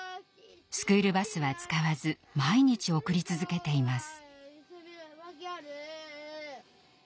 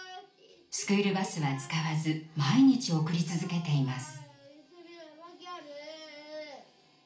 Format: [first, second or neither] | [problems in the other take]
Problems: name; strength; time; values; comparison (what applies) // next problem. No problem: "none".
first | room echo; dies away in 0.4 s